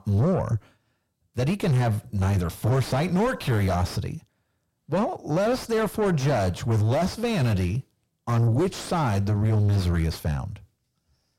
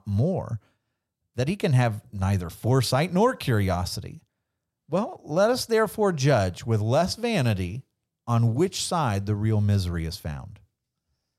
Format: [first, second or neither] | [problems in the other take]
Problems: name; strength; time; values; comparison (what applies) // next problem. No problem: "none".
second | distortion; heavy; 6 dB below the speech